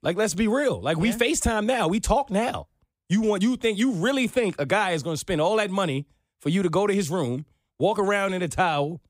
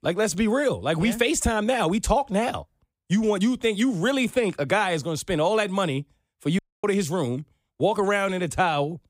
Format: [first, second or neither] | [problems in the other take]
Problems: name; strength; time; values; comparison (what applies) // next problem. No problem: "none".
first | audio cutting out; at 6.5 s